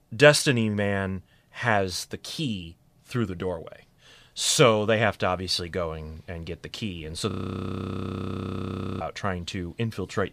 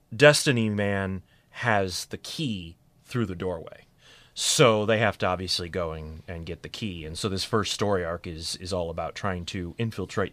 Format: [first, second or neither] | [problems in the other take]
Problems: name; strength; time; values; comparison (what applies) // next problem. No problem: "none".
second | audio freezing; at 7.5 s for 1.5 s